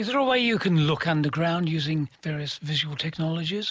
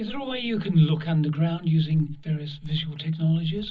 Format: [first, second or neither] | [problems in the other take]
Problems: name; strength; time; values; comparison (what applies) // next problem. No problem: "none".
first | background sound (Cricket); 19 dB below the speech // room echo; dies away in 0.4 s